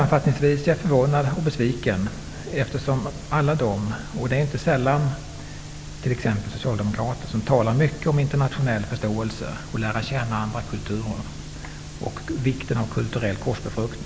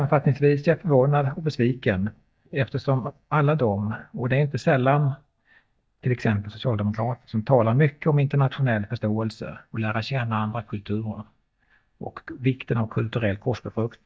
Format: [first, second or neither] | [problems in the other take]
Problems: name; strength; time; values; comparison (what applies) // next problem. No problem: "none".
first | noise reduction (neural mask model DeepFilterNet 3)